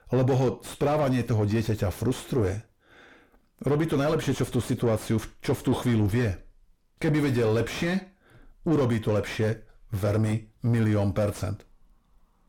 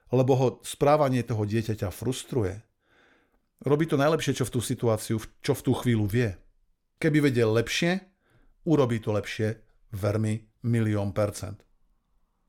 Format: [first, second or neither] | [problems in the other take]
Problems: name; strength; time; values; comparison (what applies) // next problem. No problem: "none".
second | distortion; heavy; 6 dB below the speech